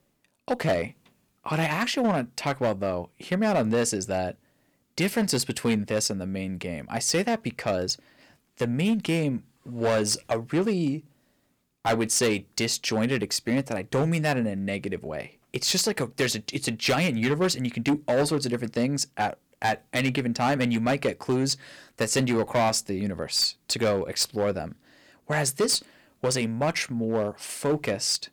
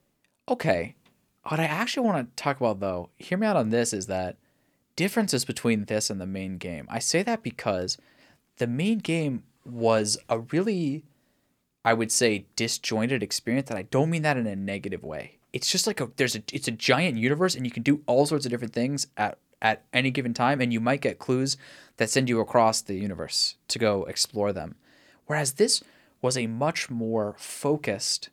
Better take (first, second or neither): second